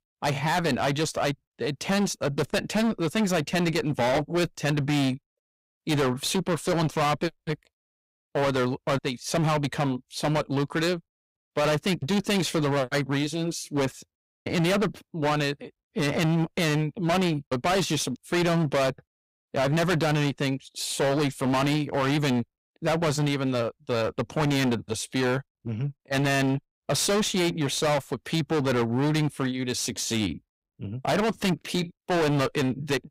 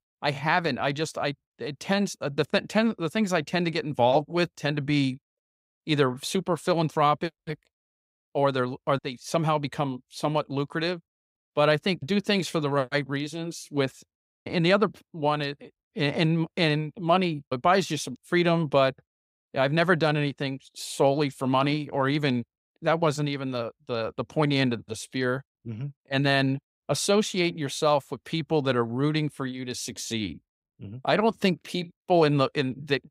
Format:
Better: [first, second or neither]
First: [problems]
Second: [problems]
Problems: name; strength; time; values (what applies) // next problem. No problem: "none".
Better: second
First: distortion; heavy; 22% of the sound clipped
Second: none